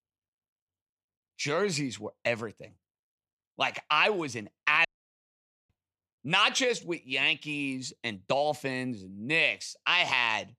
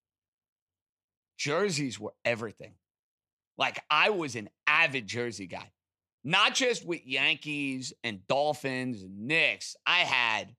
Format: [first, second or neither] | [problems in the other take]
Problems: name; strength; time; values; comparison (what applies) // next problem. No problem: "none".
second | audio cutting out; at 5 s for 1 s